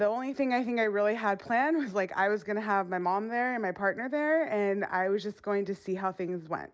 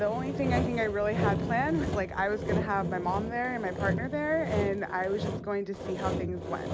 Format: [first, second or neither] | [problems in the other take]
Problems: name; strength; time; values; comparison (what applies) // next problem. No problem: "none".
first | background sound (Sawing); 2 dB below the speech